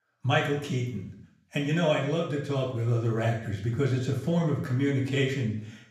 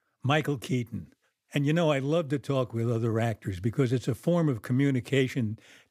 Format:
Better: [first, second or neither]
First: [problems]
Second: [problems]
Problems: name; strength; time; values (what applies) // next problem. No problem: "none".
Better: second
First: room echo; noticeable; dies away in 0.6 s // off-mic speech; far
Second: none